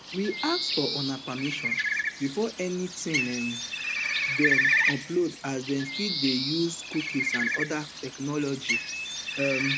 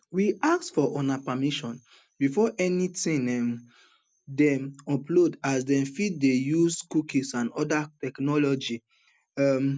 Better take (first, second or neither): second